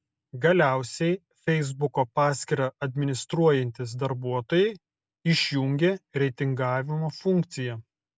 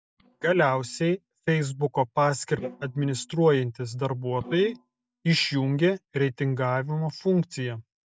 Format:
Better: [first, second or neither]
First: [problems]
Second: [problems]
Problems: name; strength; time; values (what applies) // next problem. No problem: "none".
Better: first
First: none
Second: noise reduction (neural mask model DeepFilterNet 3)